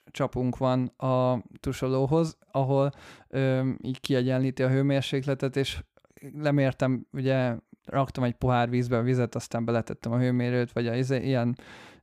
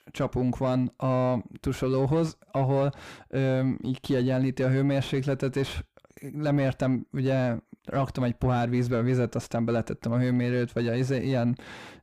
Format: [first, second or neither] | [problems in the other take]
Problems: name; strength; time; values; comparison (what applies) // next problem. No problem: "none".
first | distortion; slight; 10 dB below the speech